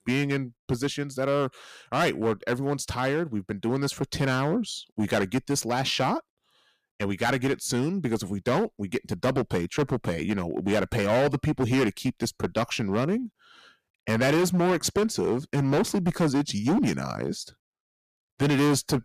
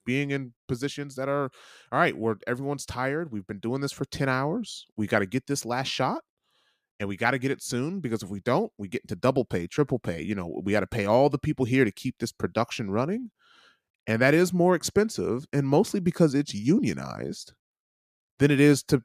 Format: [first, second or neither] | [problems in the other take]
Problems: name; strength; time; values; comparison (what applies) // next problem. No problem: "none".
second | distortion; heavy; 10% of the sound clipped